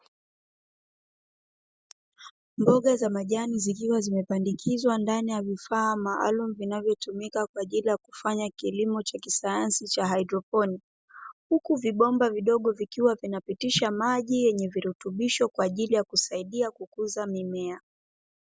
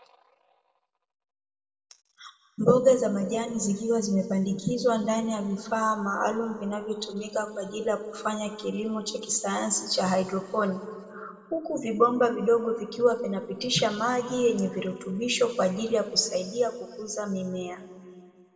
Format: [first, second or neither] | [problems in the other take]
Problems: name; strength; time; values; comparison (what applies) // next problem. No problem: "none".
first | room echo; dies away in 1.7 s